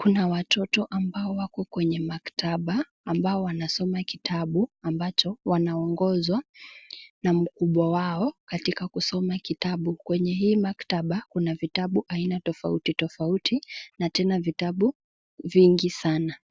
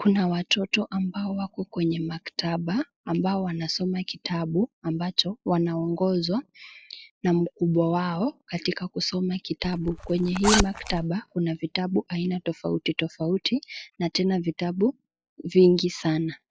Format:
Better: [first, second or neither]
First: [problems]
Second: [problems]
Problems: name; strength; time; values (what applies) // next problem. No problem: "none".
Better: first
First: none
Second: noise reduction (classical method log-MMSE)